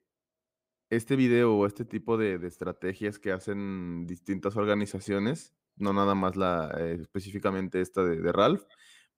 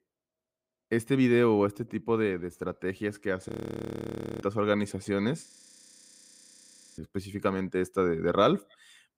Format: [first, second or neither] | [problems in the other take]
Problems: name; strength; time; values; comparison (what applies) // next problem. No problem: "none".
first | audio freezing; at 3.5 s for 1 s and at 5.5 s for 1.5 s